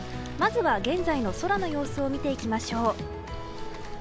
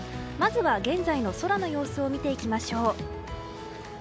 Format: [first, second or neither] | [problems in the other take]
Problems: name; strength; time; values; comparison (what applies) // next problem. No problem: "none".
second | background sound (Computer keyboard); 11 dB below the speech